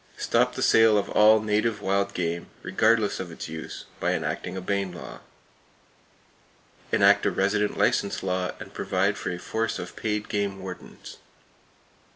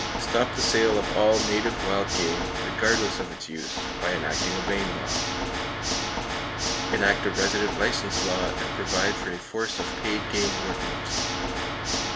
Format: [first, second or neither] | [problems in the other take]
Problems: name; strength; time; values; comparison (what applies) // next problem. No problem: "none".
first | background sound (Water / Mechanisms); as loud as the speech